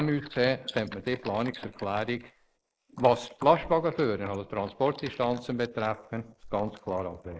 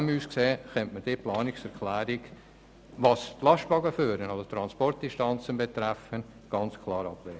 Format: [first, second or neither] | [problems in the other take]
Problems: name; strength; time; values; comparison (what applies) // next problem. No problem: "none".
second | noise reduction (neural mask model Resemble Enhance denoiser)